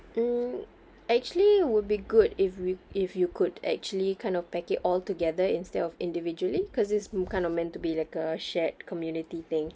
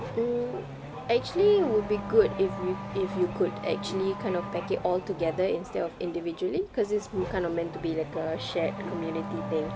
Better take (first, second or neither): first